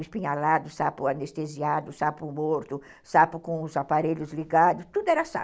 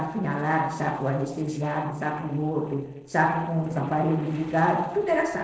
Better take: first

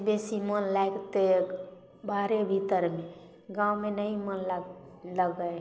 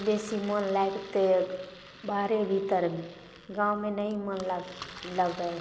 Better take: first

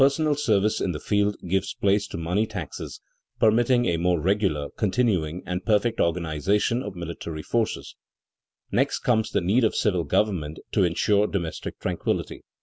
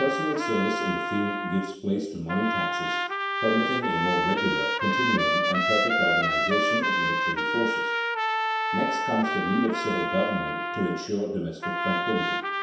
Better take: first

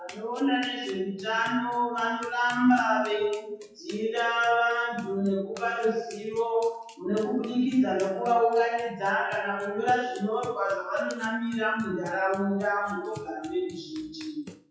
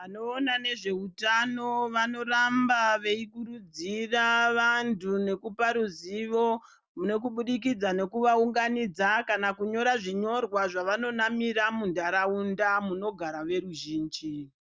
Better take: second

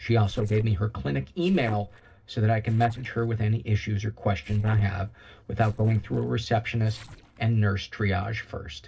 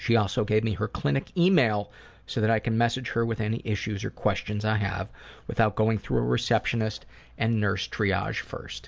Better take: second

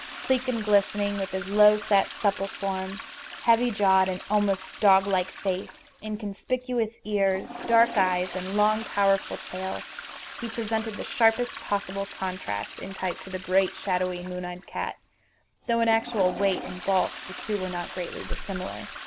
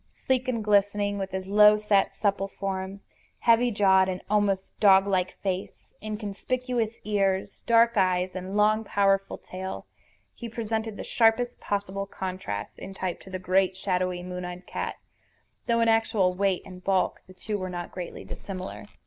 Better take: second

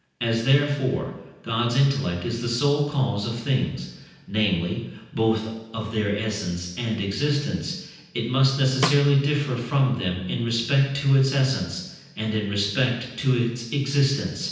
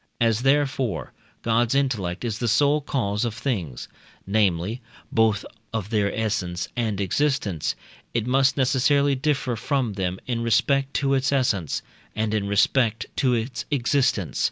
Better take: second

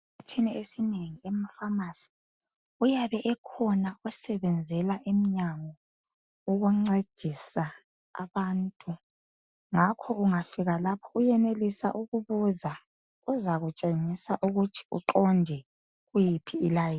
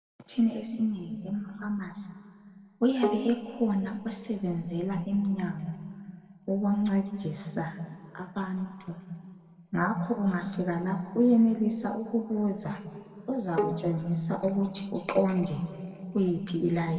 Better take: first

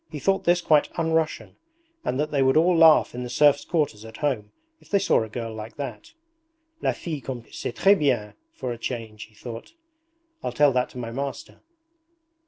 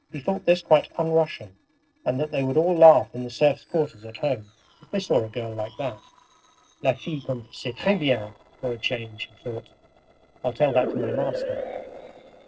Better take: first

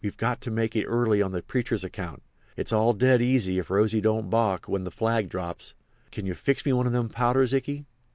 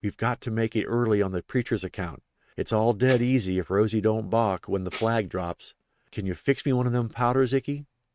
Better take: first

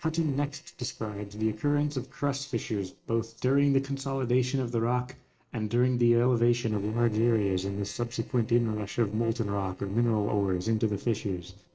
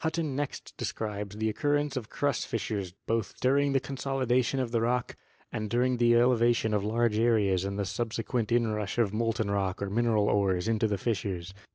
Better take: second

